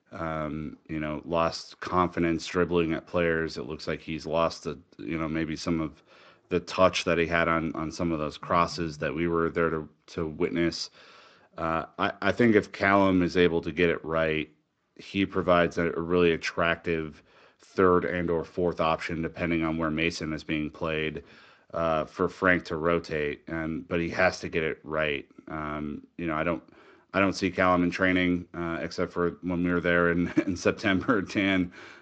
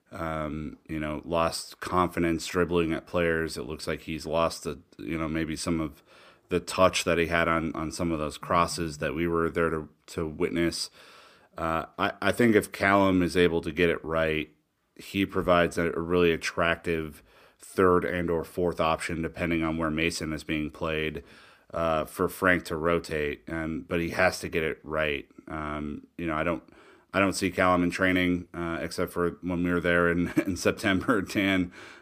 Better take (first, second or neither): second